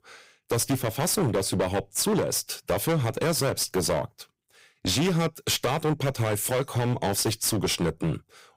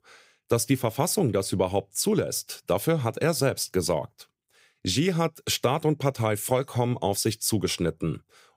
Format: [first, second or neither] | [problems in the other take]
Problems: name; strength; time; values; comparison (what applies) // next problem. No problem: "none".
second | distortion; heavy; 15% of the sound clipped